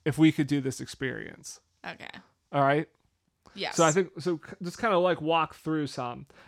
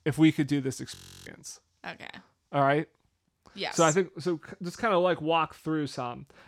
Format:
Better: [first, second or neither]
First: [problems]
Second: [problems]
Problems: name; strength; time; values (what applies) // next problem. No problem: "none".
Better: first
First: none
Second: audio freezing; at 1 s